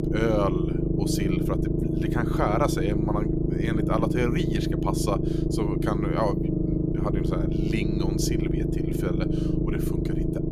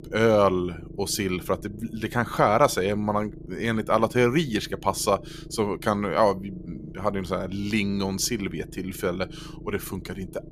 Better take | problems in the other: second | low rumble; loud; throughout; as loud as the speech; faint in the second

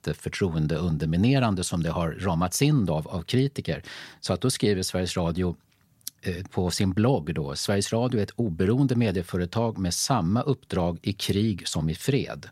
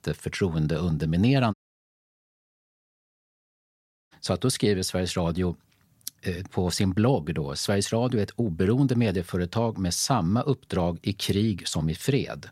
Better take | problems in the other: first | audio cutting out; at 1.5 s for 2.5 s

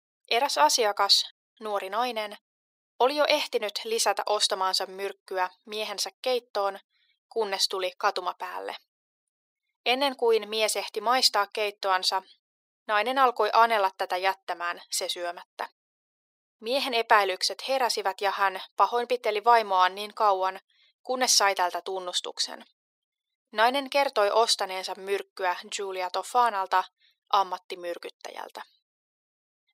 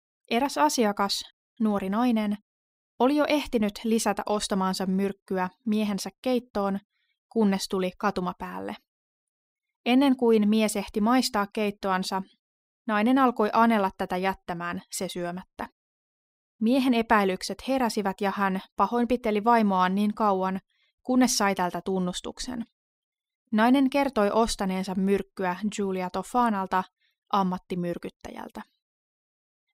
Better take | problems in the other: second | thin; very; fading below 450 Hz

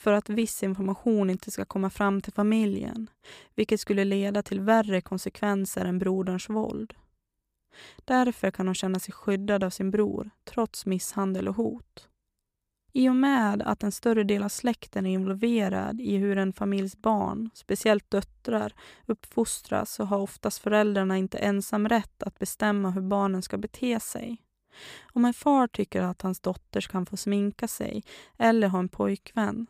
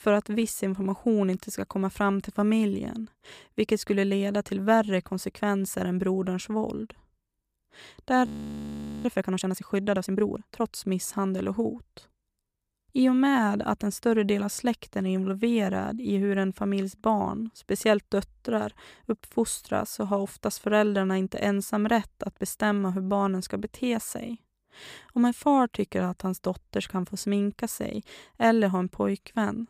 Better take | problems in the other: first | audio freezing; at 8.5 s for 1 s

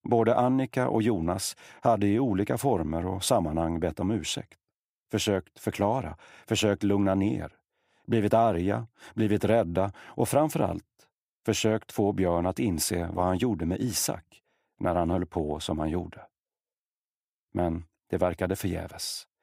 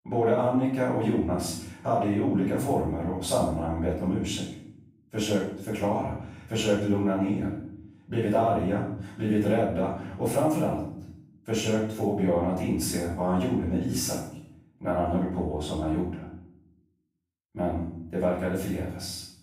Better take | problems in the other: first | off-mic speech; far // room echo; noticeable; dies away in 0.7 s

